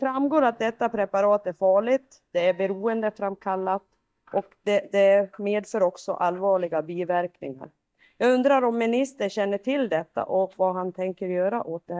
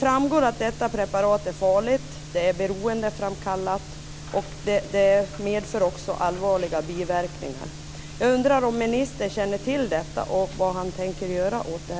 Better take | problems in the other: second | noise reduction (neural mask model DeepFilterNet 3)

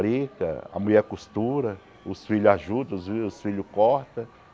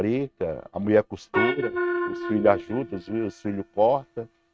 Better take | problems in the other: first | noise reduction (neural mask model RNNoise)

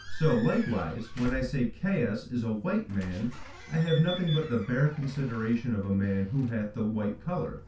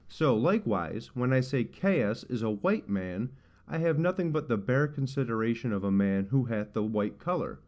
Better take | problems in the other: second | background sound (Squeak / Slam / Alarm / Wood); 15 dB below the speech // room echo; dies away in 0.3 s

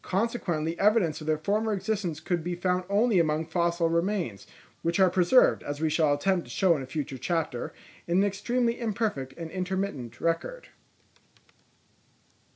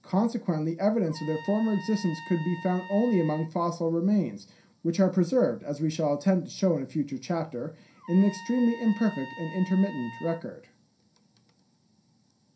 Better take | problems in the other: first | background sound (Trumpet); 16 dB below the speech // room echo; dies away in 0.3 s

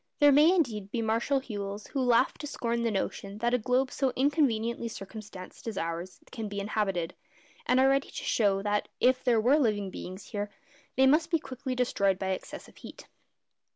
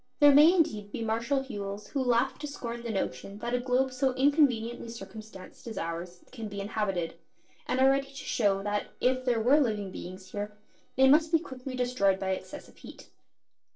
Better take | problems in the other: first | noise reduction (neural separator model SepFormer DNS4)

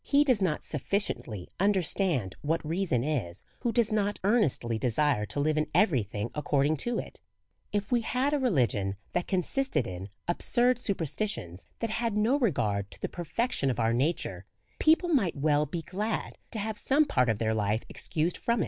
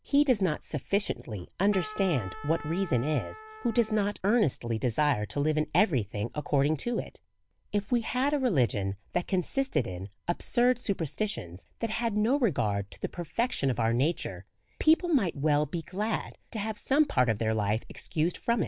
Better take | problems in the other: first | background sound (Trumpet); 16 dB below the speech

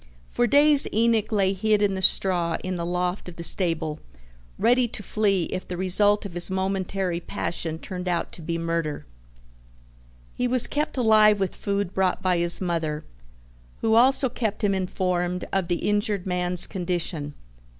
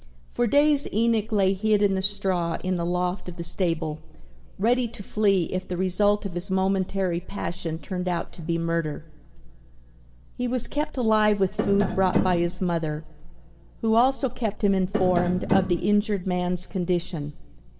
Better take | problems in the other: first | background sound (Tap); 2 dB below the speech // room echo; dies away in 2 s

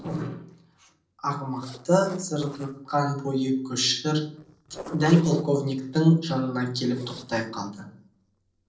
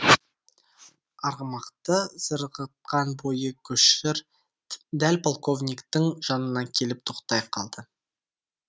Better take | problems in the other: second | noise reduction (neural separator model SepFormer DNS4)

